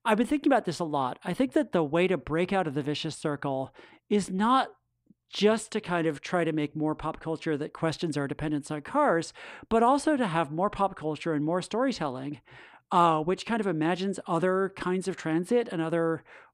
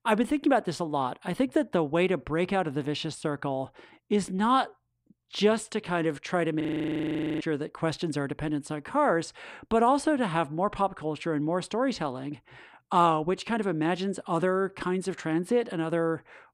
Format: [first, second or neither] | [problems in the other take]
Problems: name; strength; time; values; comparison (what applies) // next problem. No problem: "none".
first | audio freezing; at 6.5 s for 1 s